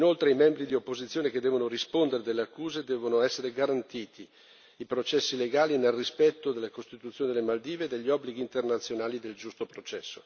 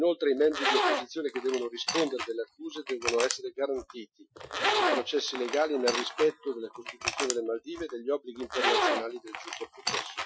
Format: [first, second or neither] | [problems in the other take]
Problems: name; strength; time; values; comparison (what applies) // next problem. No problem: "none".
first | noise reduction (classical method Wiener filter)